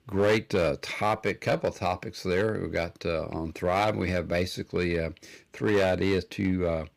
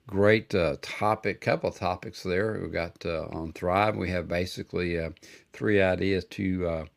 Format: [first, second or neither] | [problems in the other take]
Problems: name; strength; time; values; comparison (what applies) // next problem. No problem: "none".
second | distortion; slight; 4% of the sound clipped